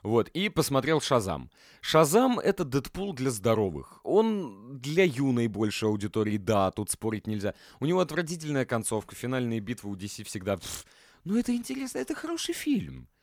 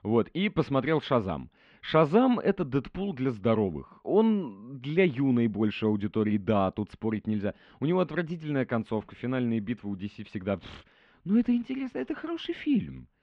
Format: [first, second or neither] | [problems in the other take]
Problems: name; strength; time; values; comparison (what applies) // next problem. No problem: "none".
first | muffled; very; fading above 3 kHz